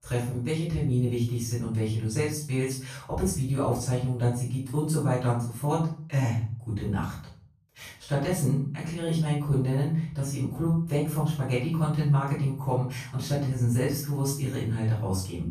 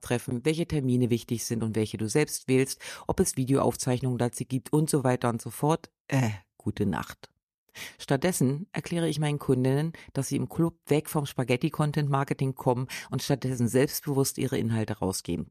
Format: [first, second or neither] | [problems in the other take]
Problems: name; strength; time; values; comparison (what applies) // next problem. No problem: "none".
second | off-mic speech; far // room echo; noticeable; dies away in 0.5 s